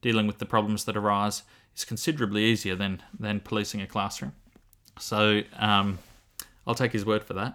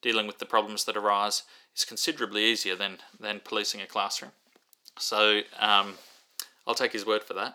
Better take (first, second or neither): first